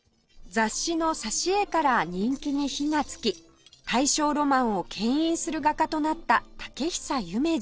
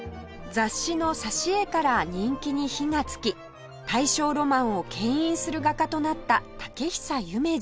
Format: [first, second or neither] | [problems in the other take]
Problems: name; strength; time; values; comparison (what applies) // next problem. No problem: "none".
second | noise reduction (neural separator model SepFormer DNS4)